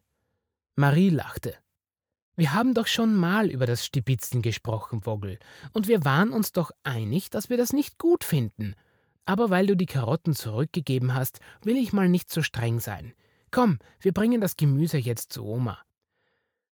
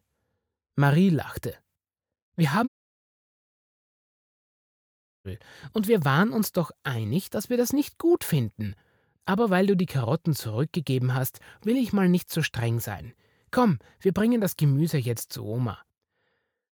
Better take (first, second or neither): first